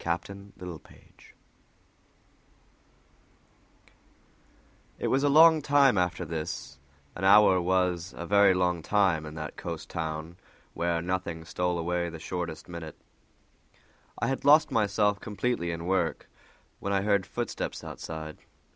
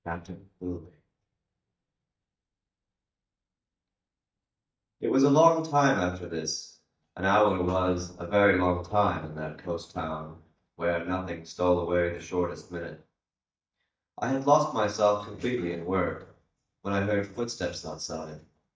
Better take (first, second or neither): first